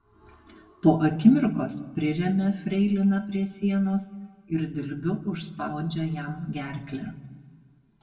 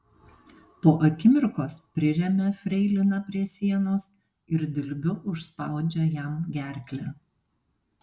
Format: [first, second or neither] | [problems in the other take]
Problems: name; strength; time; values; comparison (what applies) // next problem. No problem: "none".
second | room echo; dies away in 1 s